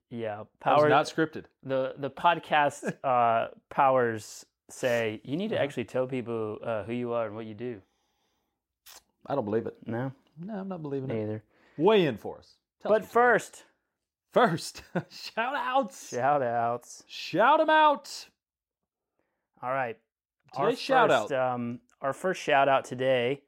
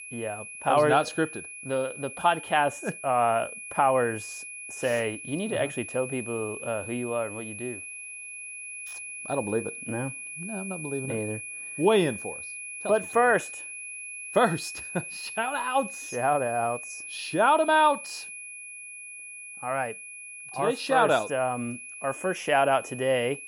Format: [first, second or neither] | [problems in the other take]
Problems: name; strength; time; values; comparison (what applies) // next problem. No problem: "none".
first | high-pitched whine; noticeable; throughout; 2.5 kHz, 10 dB below the speech